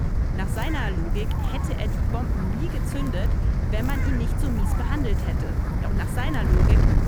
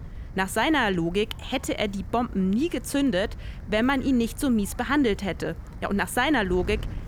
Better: second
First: wind noise on the microphone; heavy; as loud as the speech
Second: wind noise on the microphone; occasional gusts; 25 dB below the speech

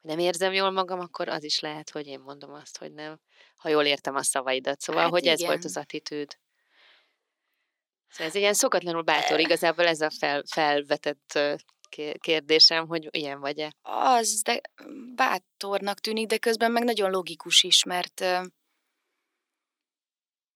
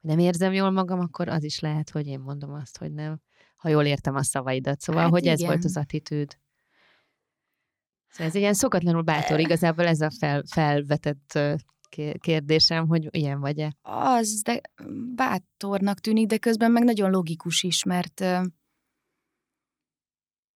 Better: second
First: thin; somewhat; fading below 350 Hz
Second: none

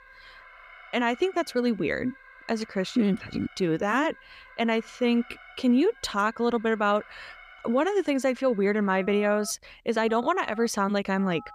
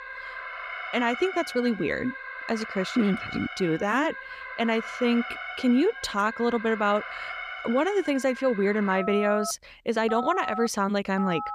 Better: first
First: alarms or sirens; faint; throughout; 20 dB below the speech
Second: alarms or sirens; loud; throughout; 9 dB below the speech

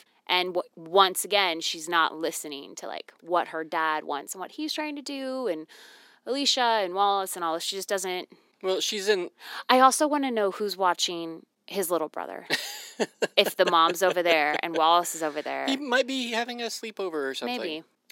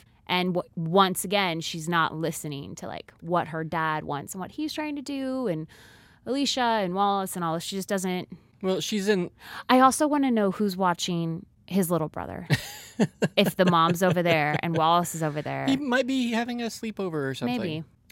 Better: second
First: thin; somewhat; fading below 300 Hz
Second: none

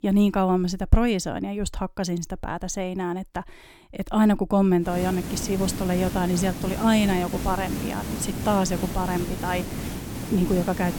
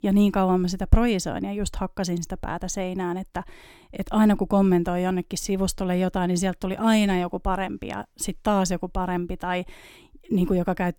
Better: second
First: hiss; loud; from 5 s on; 7 dB below the speech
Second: none

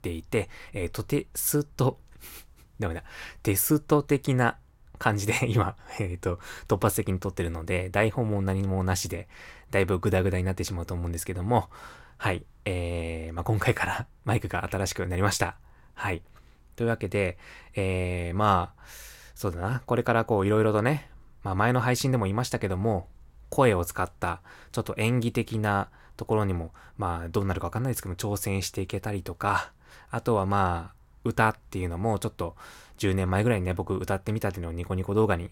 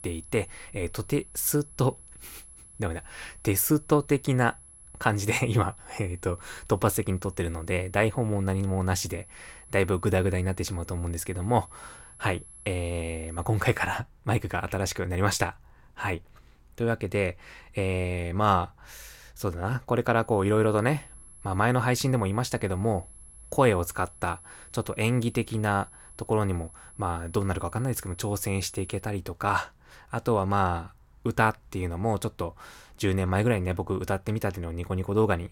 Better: first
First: none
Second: high-pitched whine; faint; until 14 s and from 20 to 29 s; 11 kHz, 20 dB below the speech

